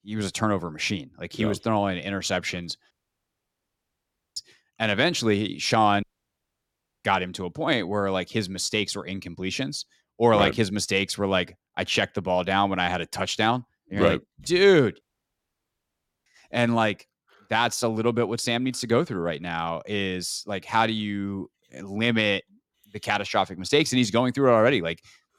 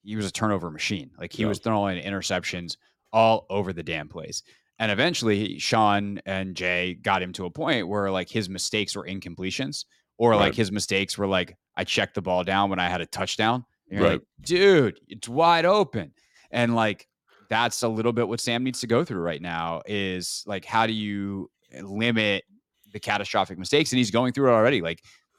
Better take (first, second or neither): second